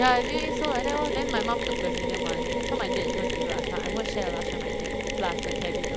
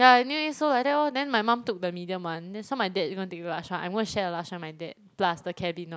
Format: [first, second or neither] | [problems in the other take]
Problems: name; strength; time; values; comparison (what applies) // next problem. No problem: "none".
second | background sound (Mechanisms); 3 dB above the speech